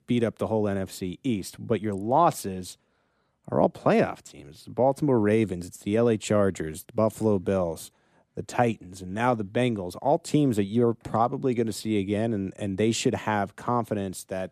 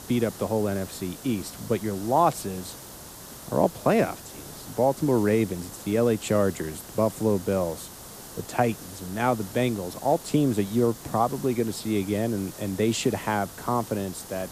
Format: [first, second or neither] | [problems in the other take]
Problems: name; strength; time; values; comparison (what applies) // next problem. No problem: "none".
first | hiss; noticeable; throughout; 15 dB below the speech